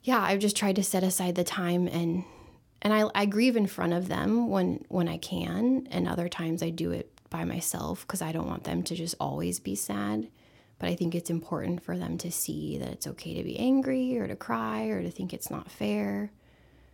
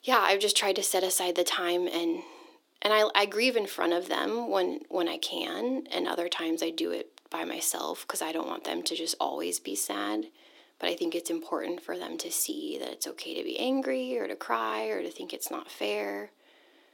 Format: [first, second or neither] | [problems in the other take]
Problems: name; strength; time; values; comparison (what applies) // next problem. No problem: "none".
first | thin; somewhat; fading below 300 Hz